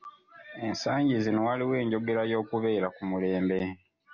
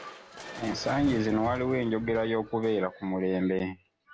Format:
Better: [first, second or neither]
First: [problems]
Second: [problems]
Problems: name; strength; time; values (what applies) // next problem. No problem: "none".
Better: first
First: none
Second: background sound (Crushing); 15 dB below the speech